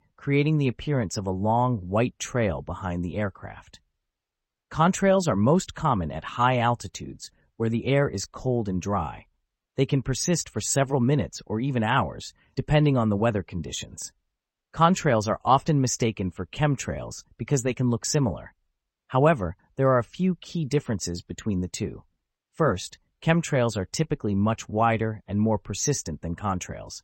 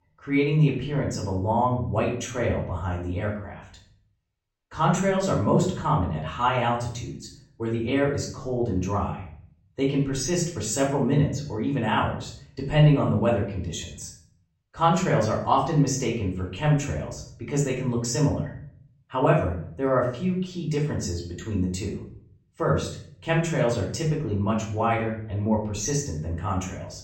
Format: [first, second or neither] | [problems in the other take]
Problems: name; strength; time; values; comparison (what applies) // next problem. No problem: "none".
first | off-mic speech; far // room echo; slight; dies away in 0.5 s